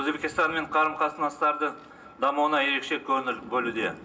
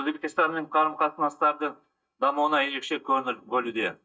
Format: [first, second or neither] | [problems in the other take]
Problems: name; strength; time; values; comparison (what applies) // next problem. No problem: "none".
first | noise reduction (neural mask model DeepFilterNet 3)